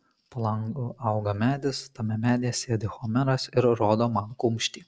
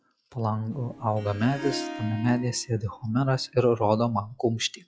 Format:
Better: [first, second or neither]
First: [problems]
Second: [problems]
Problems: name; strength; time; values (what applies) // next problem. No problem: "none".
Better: first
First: none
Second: noise reduction (classical method log-MMSE)